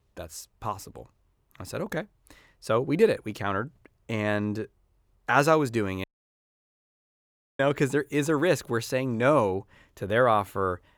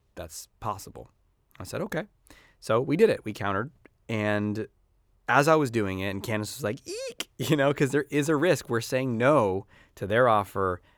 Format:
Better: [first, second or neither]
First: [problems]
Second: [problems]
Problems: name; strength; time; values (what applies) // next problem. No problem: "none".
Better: second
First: audio cutting out; at 6 s for 1.5 s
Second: none